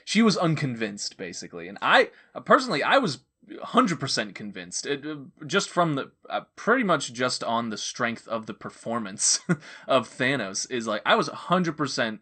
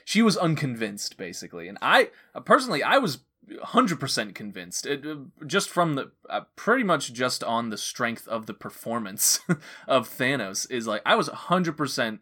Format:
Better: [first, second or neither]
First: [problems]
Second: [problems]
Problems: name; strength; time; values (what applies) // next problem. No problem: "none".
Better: second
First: garbled, watery; slightly; nothing above 8.5 kHz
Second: none